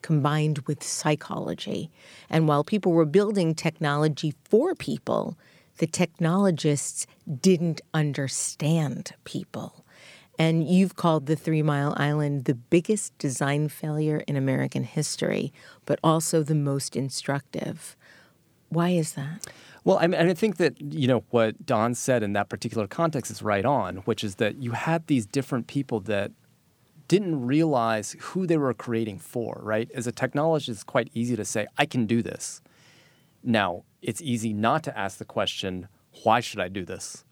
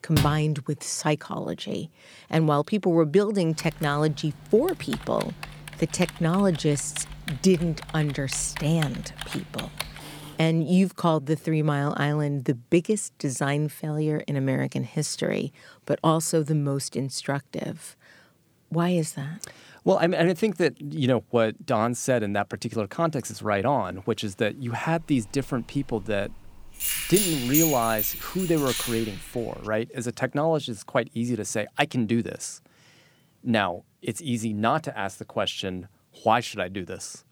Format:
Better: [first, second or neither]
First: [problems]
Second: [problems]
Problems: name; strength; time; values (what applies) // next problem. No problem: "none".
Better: first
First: none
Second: door banging; loud; at the start; peak level with the speech // keyboard typing; noticeable; from 3.5 to 10 s; peak 8 dB below the speech // jangling keys; loud; from 25 to 29 s; peak 3 dB above the speech